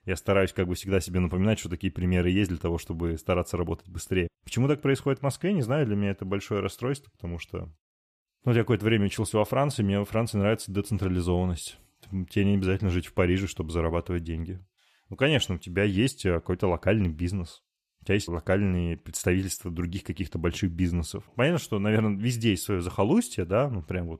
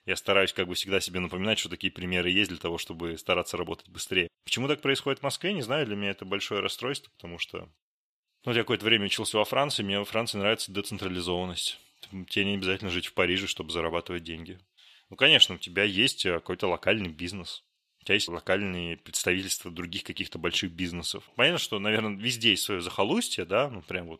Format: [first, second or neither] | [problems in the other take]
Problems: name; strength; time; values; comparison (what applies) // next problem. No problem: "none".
first | thin; somewhat; fading below 450 Hz